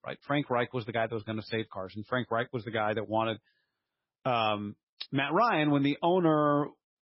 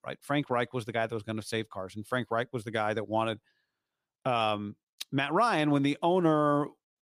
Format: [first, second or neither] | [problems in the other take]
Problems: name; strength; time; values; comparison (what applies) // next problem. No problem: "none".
second | garbled, watery; badly; nothing above 5.5 kHz